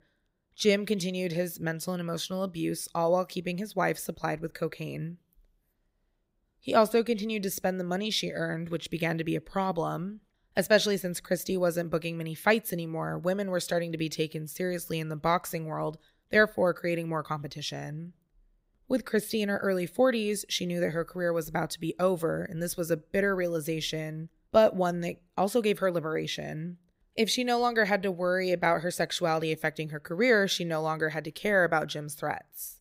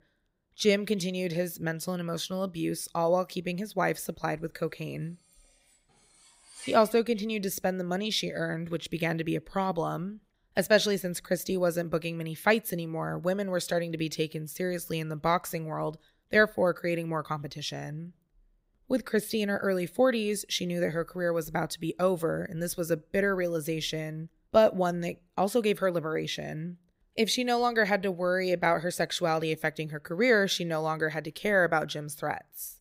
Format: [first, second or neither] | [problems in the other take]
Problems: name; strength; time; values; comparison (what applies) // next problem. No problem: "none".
first | clattering dishes; faint; at 6 s; peak 15 dB below the speech